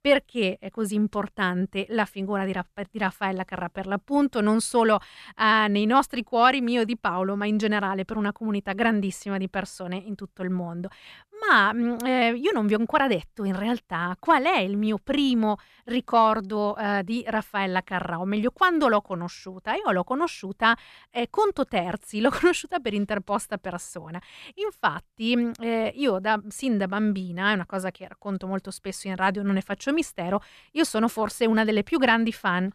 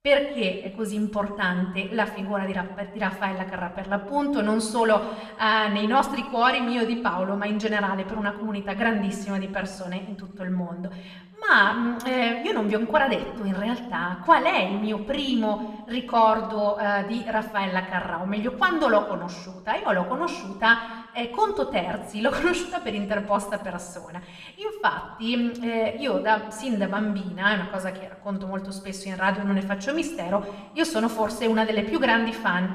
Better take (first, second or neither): first